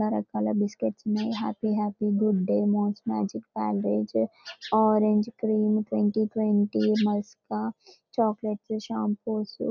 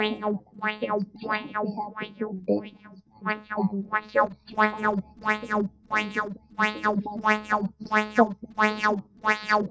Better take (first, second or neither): first